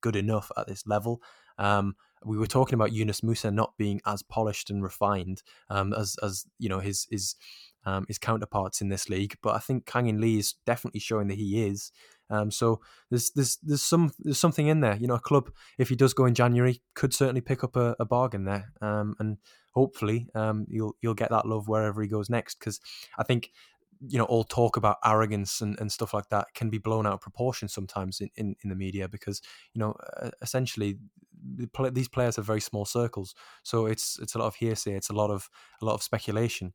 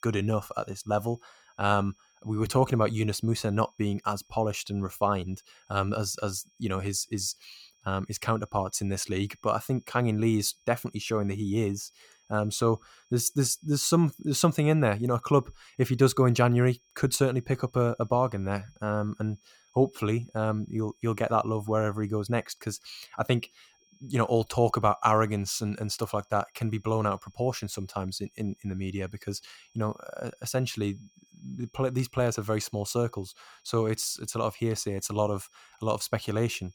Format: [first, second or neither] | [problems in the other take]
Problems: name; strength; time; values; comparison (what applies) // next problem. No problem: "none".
first | high-pitched whine; faint; throughout; 5.5 kHz, 35 dB below the speech